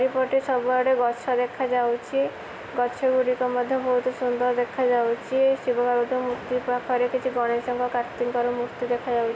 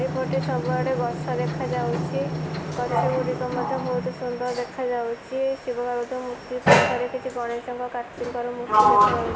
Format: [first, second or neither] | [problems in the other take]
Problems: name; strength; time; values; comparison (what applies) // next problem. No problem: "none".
first | background sound (Sliding door); 2 dB above the speech